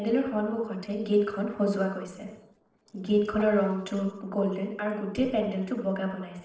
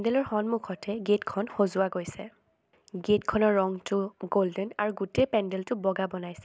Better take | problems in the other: second | noise reduction (neural separator model SepFormer DNS4)

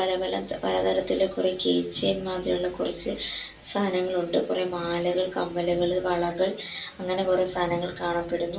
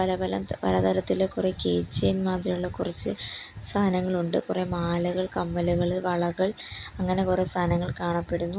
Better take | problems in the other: second | room echo; dies away in 0.3 s

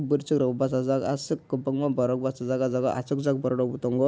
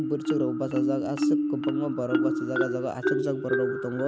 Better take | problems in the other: first | background sound (Marimba, xylophone); 3 dB above the speech

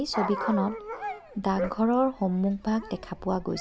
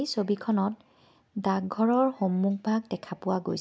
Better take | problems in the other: second | background sound (Dog); 9 dB below the speech

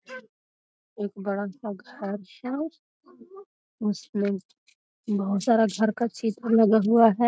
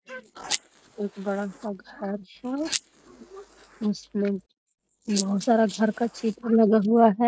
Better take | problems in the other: first | noise reduction (neural mask model Resemble Enhance denoiser)

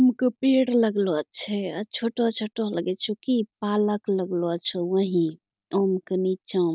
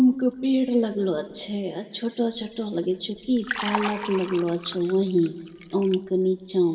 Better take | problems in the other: first | background sound (Liquid); 14 dB below the speech // room echo; dies away in 2.4 s

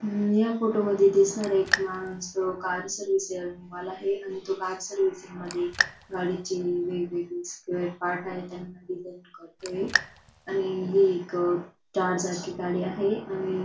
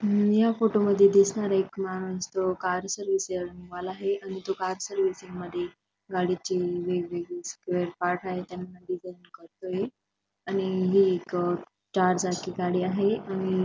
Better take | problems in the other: second | background sound (Raindrop); 5 dB below the speech // room echo; dies away in 0.2 s

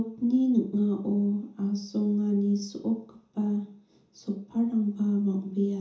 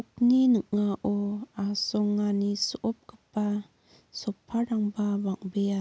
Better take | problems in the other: second | room echo; dies away in 0.6 s

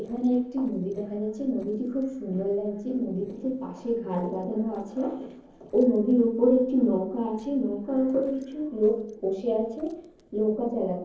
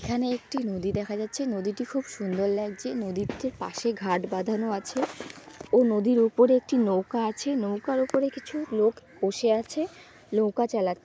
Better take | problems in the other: second | noise reduction (neural separator model SepFormer DNS4)

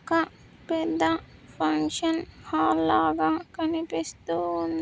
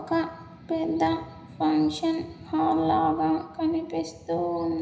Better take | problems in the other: first | room echo; dies away in 0.9 s

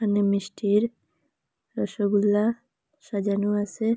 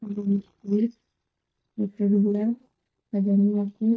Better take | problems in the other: first | noise reduction (neural mask model DeepFilterNet 3)

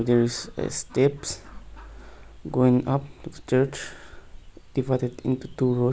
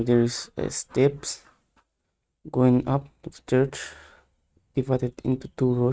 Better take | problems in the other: first | noise reduction (neural mask model RNNoise)

